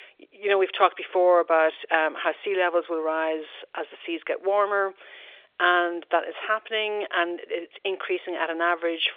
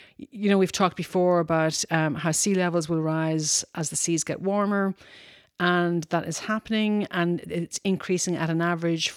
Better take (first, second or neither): second